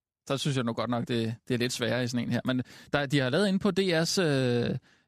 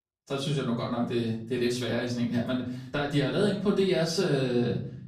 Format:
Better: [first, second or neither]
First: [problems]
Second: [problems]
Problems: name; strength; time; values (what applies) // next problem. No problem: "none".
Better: first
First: none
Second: room echo; slight; dies away in 0.6 s // off-mic speech; far